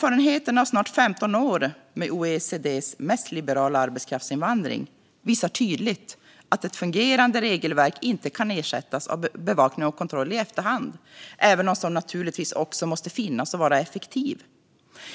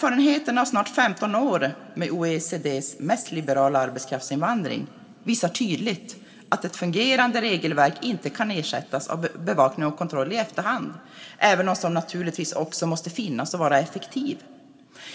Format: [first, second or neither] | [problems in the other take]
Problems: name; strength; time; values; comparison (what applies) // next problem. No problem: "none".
first | room echo; dies away in 1.6 s